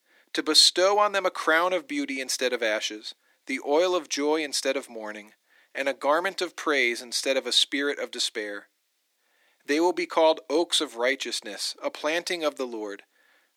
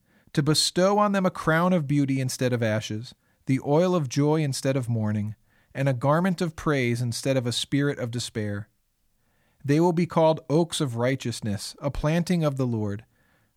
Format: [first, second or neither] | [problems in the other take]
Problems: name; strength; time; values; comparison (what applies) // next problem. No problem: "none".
second | thin; somewhat; fading below 300 Hz